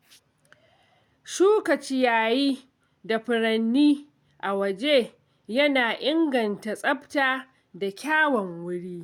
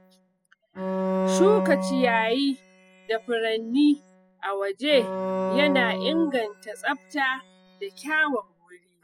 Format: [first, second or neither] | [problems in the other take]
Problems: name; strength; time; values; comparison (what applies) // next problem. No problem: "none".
first | noise reduction (classical method spectral subtraction)